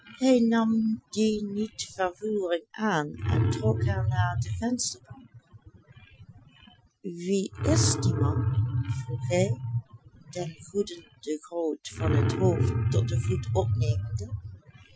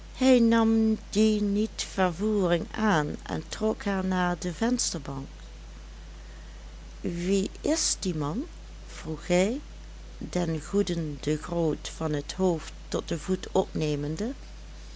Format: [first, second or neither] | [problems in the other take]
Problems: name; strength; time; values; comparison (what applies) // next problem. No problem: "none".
second | noise reduction (classical method Wiener filter)